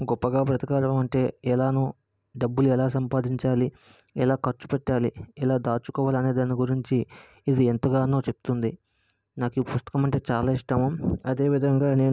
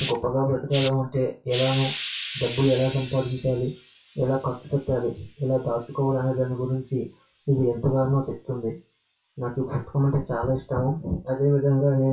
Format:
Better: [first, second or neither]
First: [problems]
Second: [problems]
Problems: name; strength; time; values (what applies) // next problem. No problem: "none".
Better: first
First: none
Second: noise reduction (classical method WPE with log-MMSE)